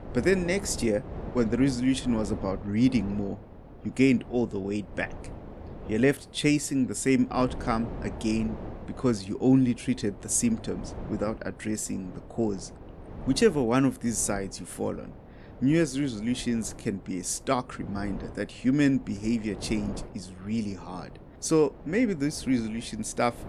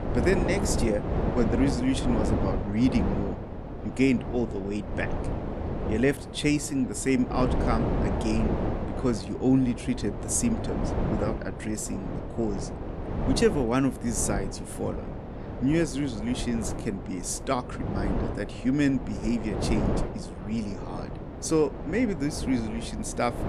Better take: first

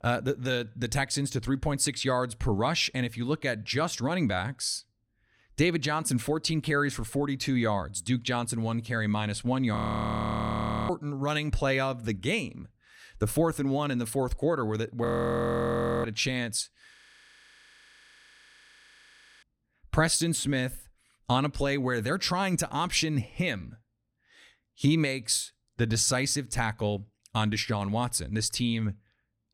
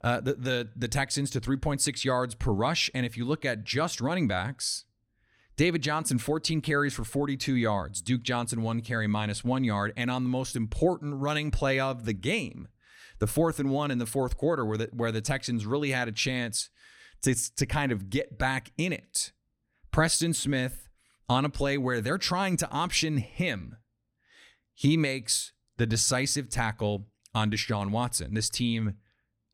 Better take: second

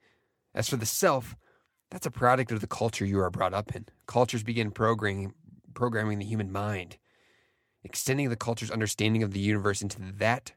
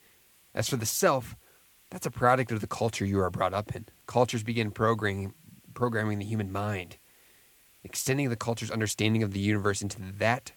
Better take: first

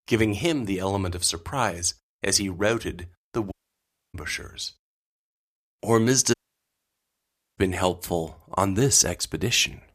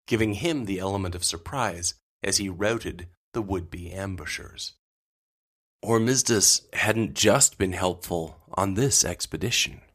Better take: second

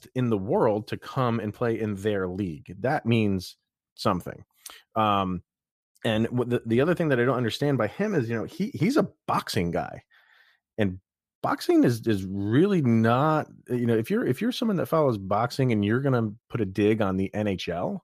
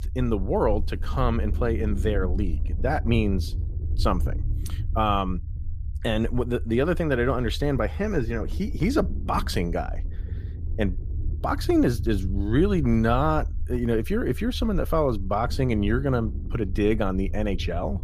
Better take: first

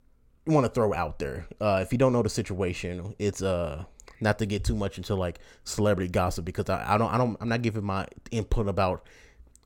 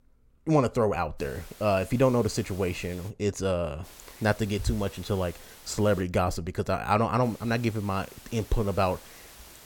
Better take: first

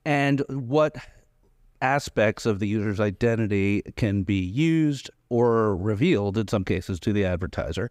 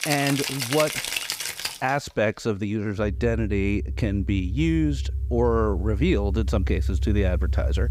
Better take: first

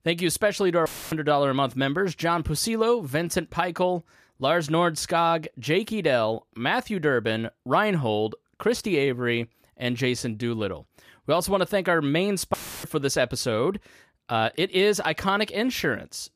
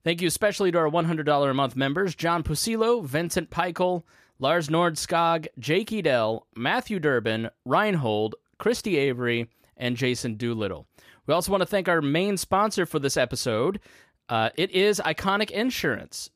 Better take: second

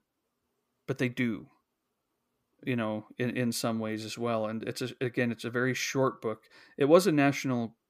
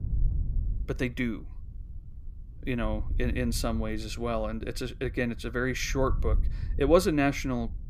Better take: first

